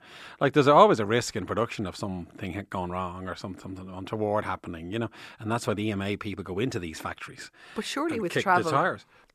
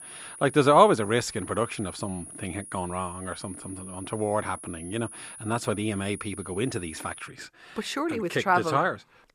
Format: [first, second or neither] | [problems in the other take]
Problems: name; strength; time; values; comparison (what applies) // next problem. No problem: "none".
first | high-pitched whine; noticeable; until 7 s; 10.5 kHz, 15 dB below the speech